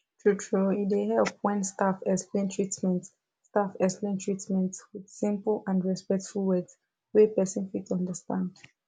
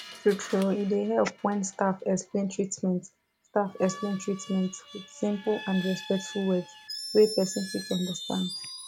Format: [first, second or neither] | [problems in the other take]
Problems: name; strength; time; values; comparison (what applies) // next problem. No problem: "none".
first | background sound (Screech); 14 dB below the speech